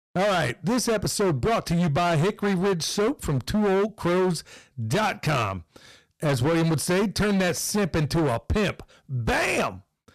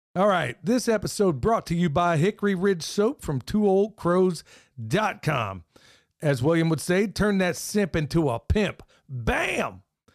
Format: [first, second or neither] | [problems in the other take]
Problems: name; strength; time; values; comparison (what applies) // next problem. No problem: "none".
second | distortion; heavy; 23% of the sound clipped